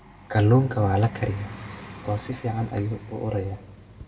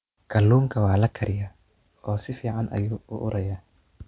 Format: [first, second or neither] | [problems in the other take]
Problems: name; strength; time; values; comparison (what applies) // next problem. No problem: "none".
second | background sound (Bus); 19 dB below the speech // room echo; dies away in 1.6 s